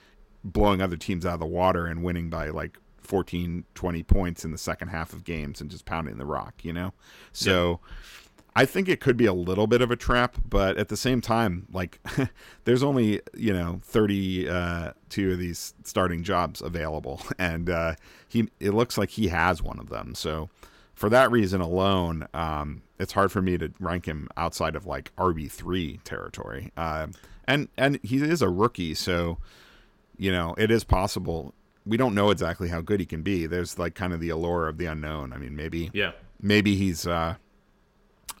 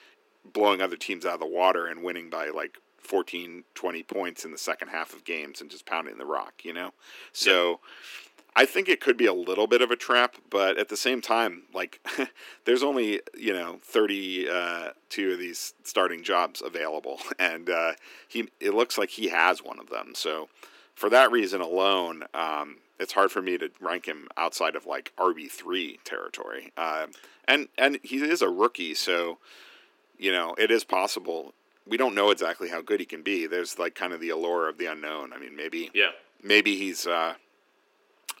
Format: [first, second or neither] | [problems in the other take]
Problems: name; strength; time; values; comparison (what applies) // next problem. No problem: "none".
first | thin; somewhat; fading below 300 Hz